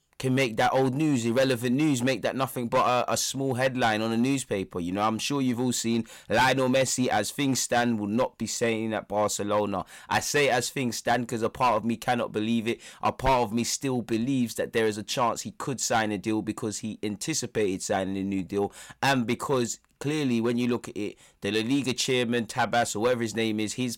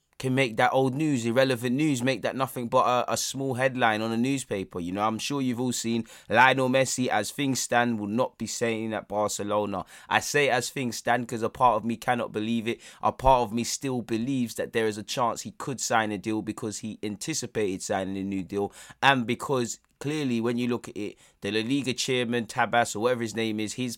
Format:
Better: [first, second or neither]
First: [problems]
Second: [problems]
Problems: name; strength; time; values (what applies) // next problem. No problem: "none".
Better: second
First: distortion; slight; 4% of the sound clipped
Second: none